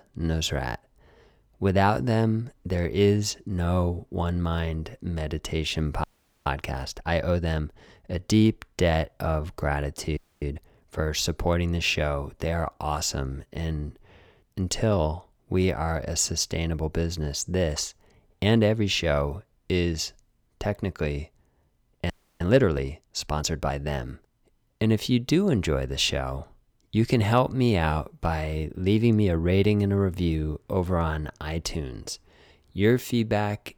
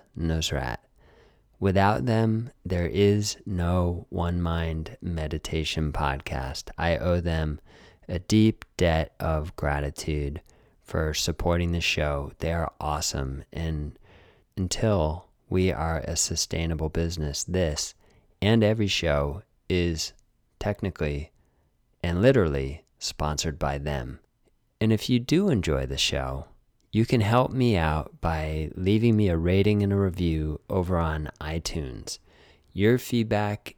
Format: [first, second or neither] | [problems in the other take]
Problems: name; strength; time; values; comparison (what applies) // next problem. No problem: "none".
second | audio freezing; at 6 s, at 10 s and at 22 s